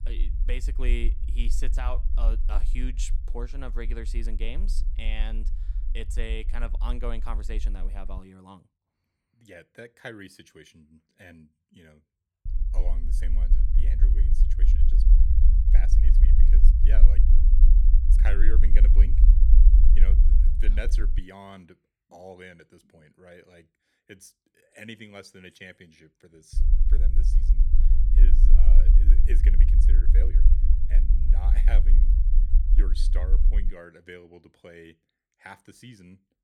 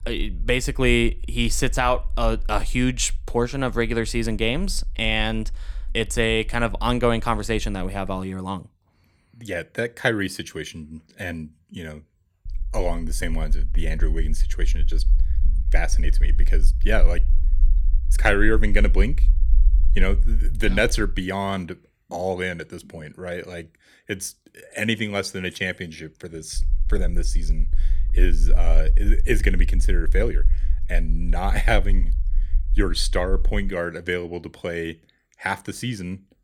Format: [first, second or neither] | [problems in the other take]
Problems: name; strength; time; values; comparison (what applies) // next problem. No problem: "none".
second | low rumble; loud; until 8 s, from 12 to 21 s and from 27 to 34 s; 5 dB below the speech; faint in the second